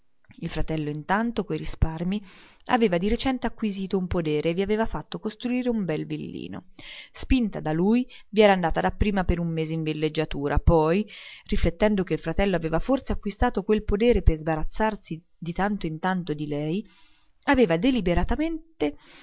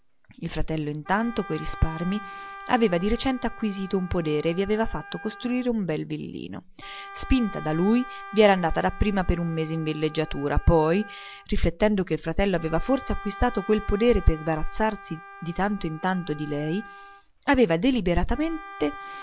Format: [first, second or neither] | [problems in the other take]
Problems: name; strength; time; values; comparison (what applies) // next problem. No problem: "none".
first | background sound (Wind instrument, woodwind instrument); 17 dB below the speech